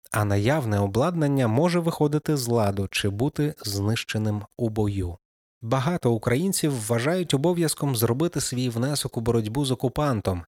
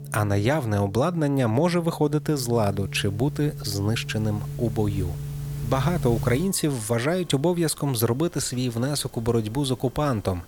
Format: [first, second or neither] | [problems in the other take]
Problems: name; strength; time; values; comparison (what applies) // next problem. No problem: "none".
first | background music; loud; throughout; 10 dB below the speech